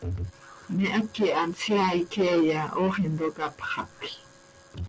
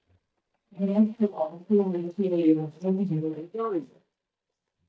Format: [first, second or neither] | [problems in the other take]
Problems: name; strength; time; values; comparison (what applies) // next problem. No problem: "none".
first | noise reduction (neural mask model DeepFilterNet 3)